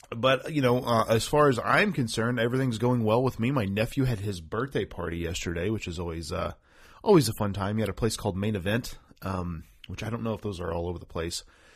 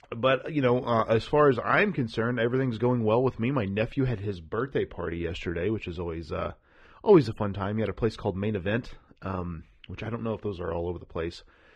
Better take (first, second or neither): first